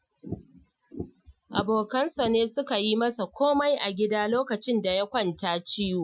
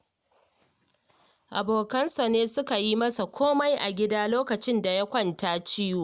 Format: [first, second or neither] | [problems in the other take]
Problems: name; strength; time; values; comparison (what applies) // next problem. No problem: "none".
second | noise reduction (classical method Wiener filter)